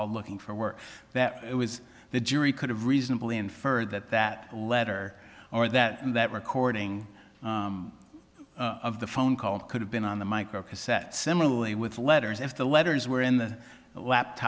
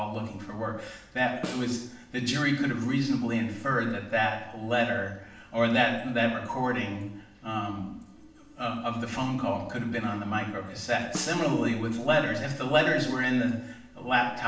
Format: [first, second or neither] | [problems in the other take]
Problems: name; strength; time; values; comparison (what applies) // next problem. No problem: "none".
first | background sound (Snare drum); 15 dB below the speech // room echo; dies away in 0.6 s